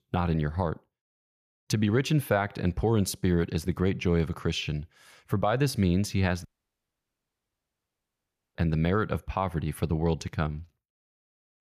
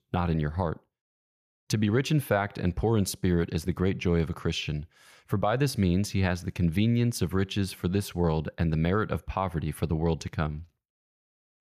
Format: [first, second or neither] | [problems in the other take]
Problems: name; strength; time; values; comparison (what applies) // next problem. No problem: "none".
second | audio cutting out; at 6.5 s for 2 s